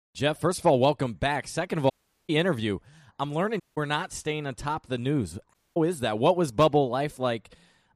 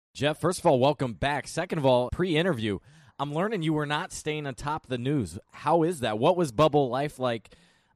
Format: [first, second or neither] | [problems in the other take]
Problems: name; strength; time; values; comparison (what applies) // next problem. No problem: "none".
second | audio cutting out; at 2 s, at 3.5 s and at 5.5 s